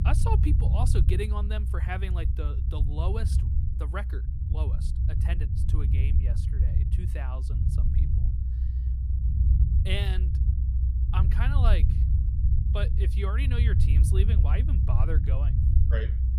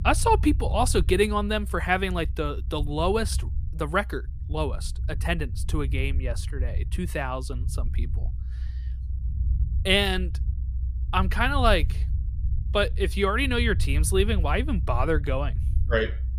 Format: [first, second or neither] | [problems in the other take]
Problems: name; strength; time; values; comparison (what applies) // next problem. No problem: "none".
second | low rumble; loud; throughout; 5 dB below the speech; faint in the second